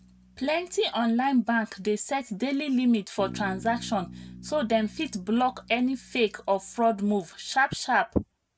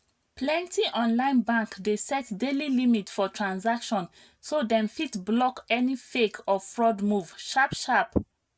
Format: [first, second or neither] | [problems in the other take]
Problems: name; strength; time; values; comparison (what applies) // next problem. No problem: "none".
second | background sound (Bass guitar); 20 dB below the speech